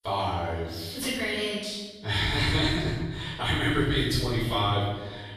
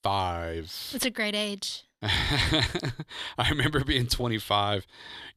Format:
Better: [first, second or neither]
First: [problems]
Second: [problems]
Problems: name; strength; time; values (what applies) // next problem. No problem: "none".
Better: second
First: room echo; strong; dies away in 1.2 s // off-mic speech; far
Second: none